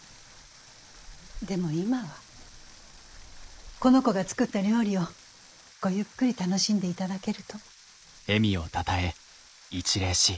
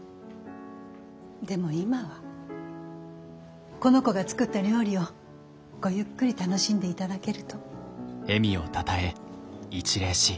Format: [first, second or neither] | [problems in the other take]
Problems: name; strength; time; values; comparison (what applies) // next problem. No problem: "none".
second | noise reduction (neural mask model Resemble Enhance denoiser)